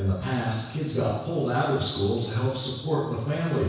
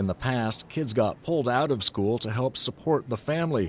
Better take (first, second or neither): second